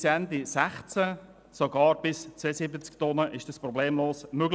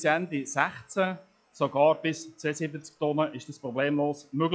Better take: first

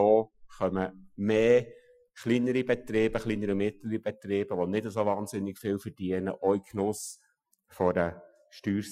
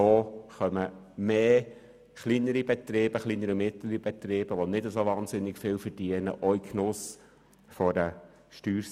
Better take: second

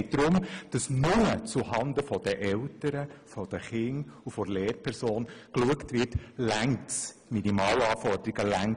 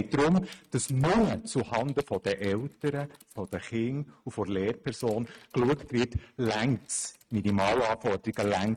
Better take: first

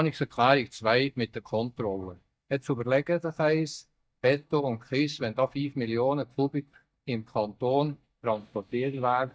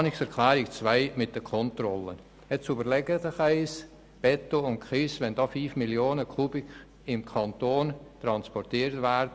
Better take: second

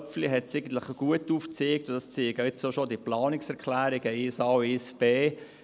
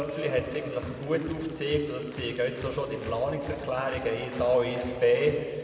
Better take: first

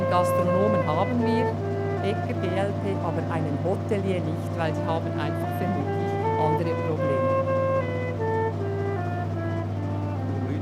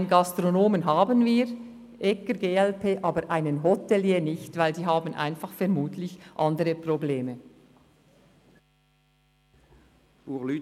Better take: second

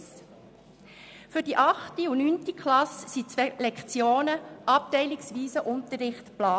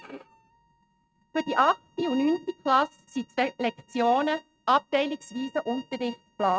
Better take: first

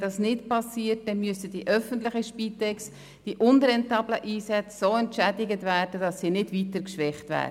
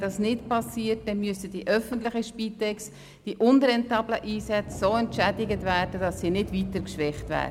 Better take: first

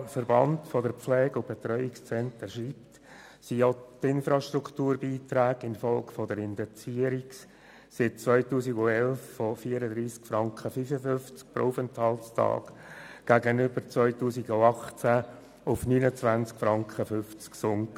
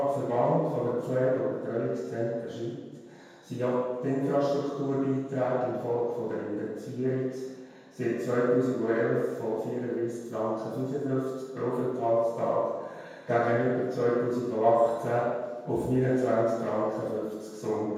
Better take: first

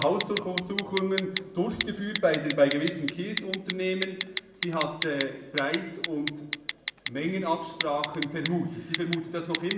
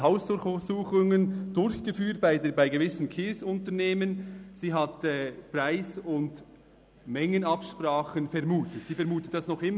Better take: second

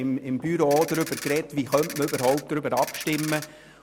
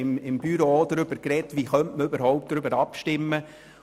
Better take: second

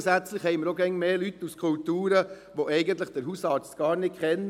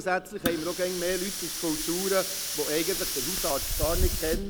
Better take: first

